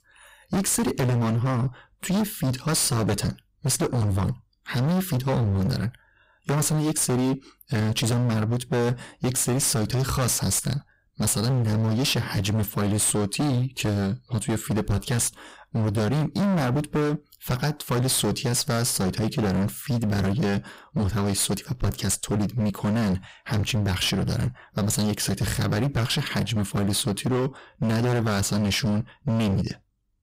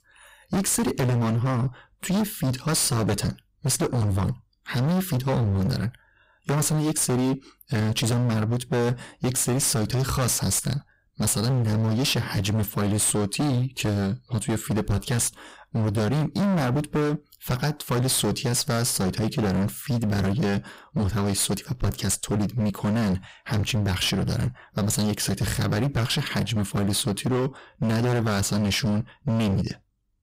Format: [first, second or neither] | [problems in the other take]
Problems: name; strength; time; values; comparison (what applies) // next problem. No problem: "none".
neither | distortion; heavy; 31% of the sound clipped; the same in both